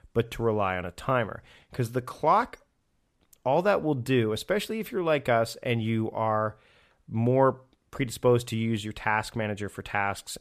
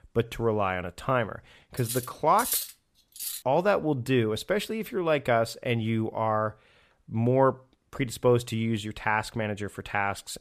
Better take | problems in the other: first | clattering dishes; noticeable; from 2 to 3.5 s; peak level with the speech

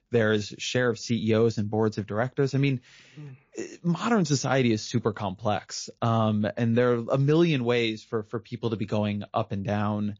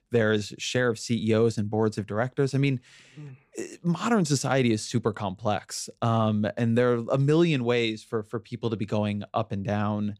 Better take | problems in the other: second | garbled, watery; slightly

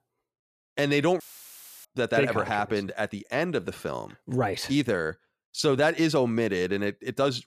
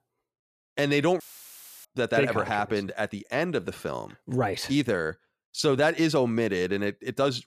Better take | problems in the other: neither | audio cutting out; filled with static; at 1 s for 0.5 s; the same in both

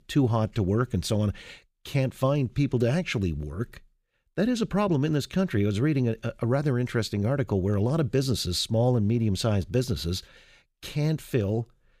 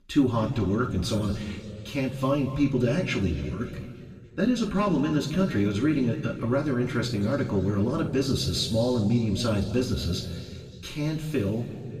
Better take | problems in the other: first | room echo; noticeable; dies away in 2.1 s // off-mic speech; far

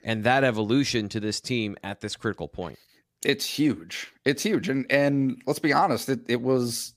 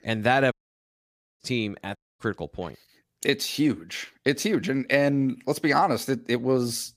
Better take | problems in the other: first | audio cutting out; at 0.5 s for 1 s and at 2 s

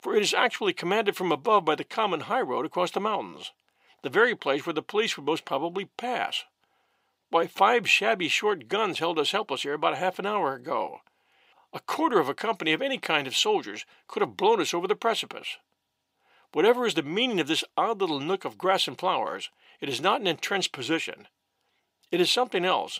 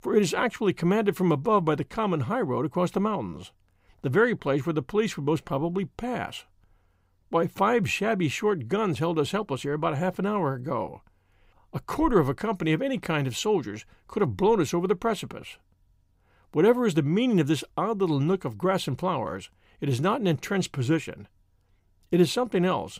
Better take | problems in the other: second | thin; somewhat; fading below 350 Hz

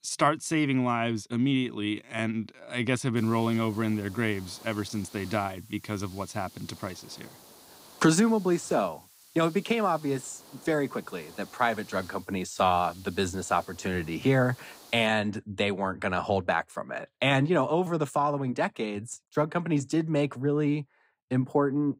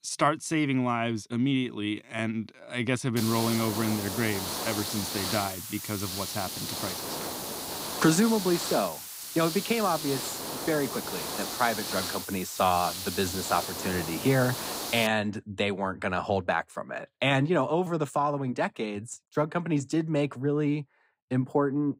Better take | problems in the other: first | hiss; loud; from 3 to 15 s; 4 dB below the speech; faint in the first

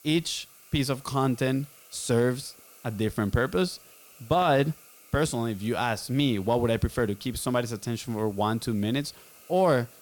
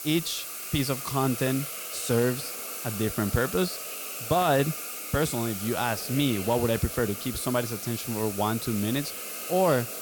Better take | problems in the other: first | hiss; loud; throughout; 6 dB below the speech; faint in the first

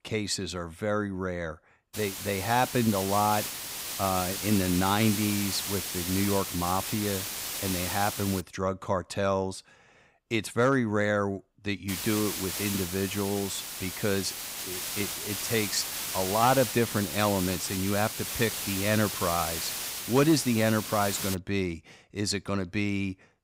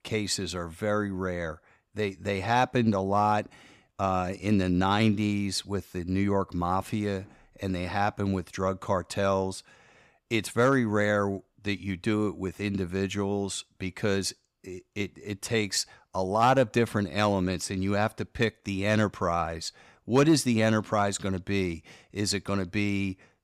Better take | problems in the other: second | hiss; loud; from 2 to 8.5 s and from 12 to 21 s; 4 dB below the speech

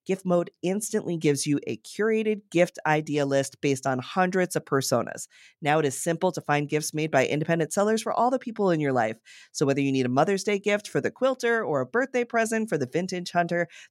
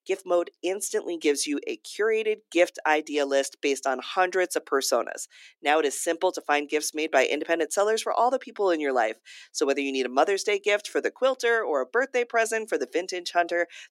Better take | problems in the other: first | thin; somewhat; fading below 300 Hz

